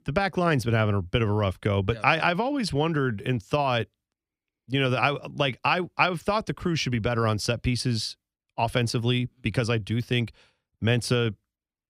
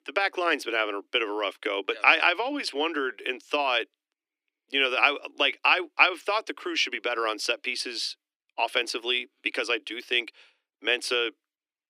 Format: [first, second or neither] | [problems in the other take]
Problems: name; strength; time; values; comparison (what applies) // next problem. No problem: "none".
first | thin; very; fading below 300 Hz